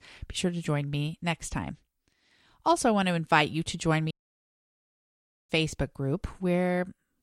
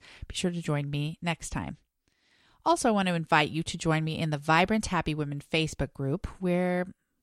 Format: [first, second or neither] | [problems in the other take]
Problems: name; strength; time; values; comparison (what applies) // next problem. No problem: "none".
second | audio cutting out; at 4 s for 1.5 s